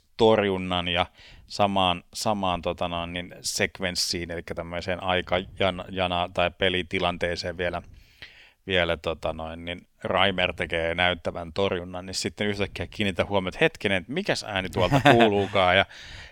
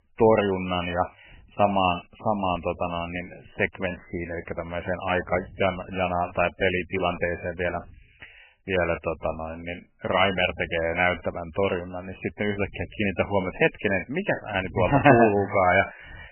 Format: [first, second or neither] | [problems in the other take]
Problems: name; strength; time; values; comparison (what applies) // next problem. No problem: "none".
first | garbled, watery; badly; nothing above 3 kHz